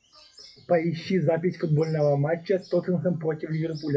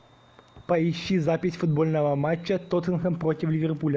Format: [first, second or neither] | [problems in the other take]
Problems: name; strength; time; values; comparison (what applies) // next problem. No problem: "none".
second | noise reduction (classical method WPE with log-MMSE)